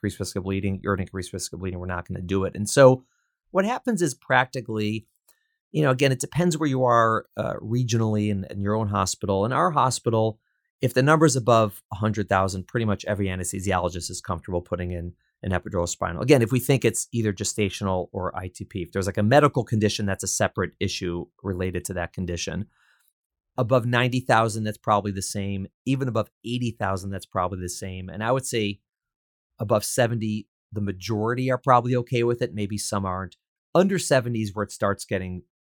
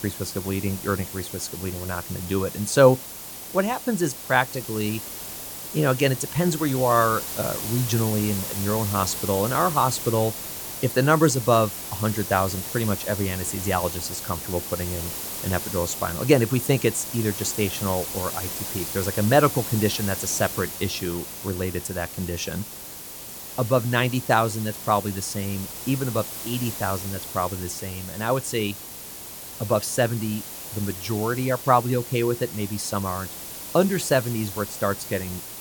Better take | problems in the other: first | hiss; loud; throughout; 7 dB below the speech

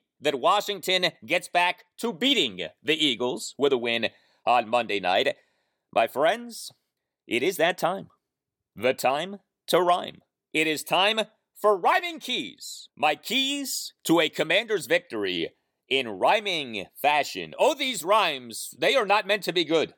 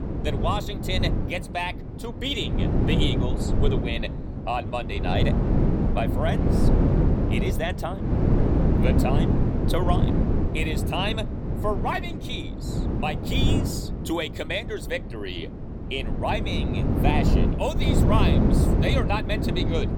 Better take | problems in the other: first | wind noise on the microphone; heavy; 2 dB below the speech

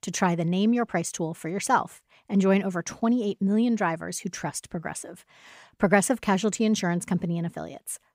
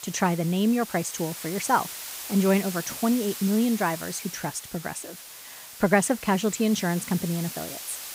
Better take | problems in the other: first | hiss; noticeable; throughout; 10 dB below the speech

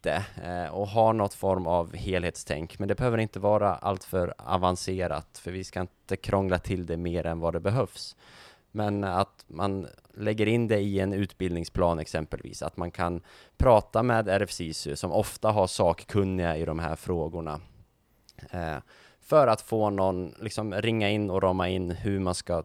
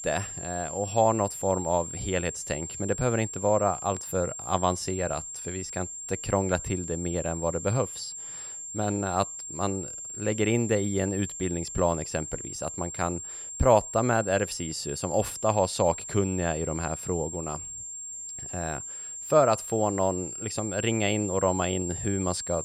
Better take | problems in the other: first | high-pitched whine; loud; throughout; 7.5 kHz, 7 dB below the speech

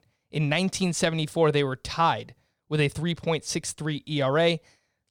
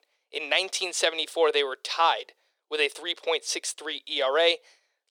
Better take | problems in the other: first | thin; very; fading below 400 Hz

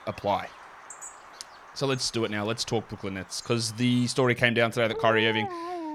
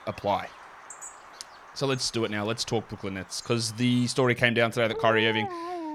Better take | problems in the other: neither | animal sounds; noticeable; throughout; 15 dB below the speech; the same in both

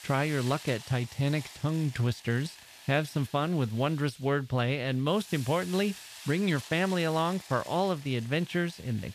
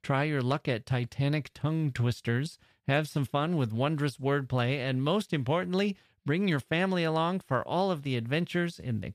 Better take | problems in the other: second | hiss; noticeable; throughout; 15 dB below the speech

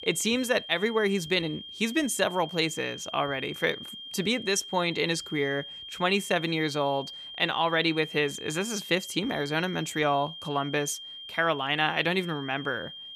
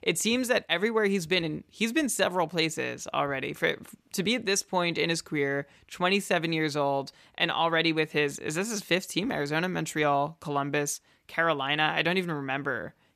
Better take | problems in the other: second | high-pitched whine; noticeable; throughout; 3 kHz, 10 dB below the speech

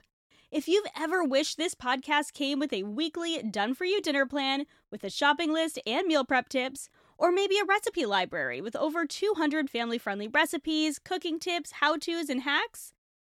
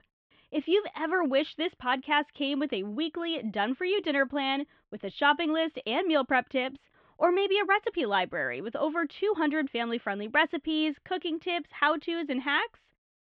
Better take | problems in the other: first | muffled; very; fading above 3 kHz

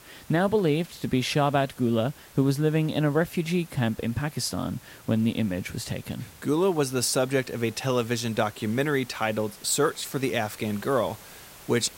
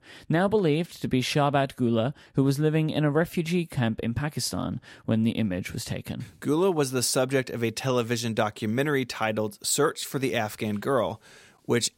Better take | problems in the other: second | hiss; faint; throughout; 20 dB below the speech

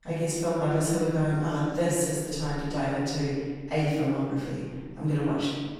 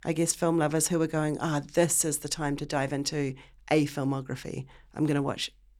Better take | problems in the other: second | off-mic speech; far // room echo; strong; dies away in 1.5 s

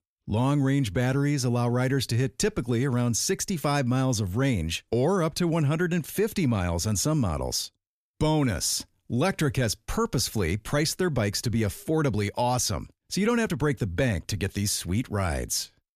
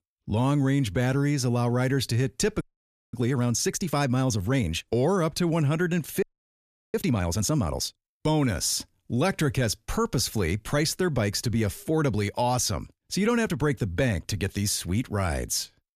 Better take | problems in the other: first | audio freezing; at 2.5 s for 0.5 s and at 6 s for 0.5 s

